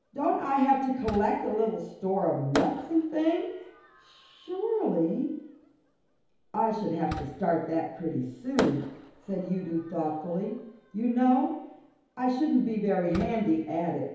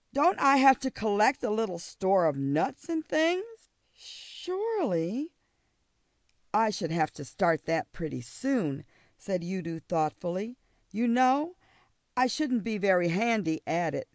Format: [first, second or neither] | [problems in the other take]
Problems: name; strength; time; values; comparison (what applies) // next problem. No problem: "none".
second | background sound (Fireworks); 14 dB below the speech // room echo; dies away in 2.2 s